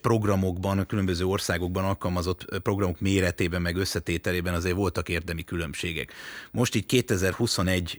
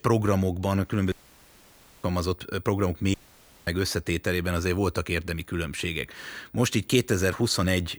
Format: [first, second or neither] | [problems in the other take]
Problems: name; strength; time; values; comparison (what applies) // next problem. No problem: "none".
first | audio cutting out; at 1 s for 1 s and at 3 s for 0.5 s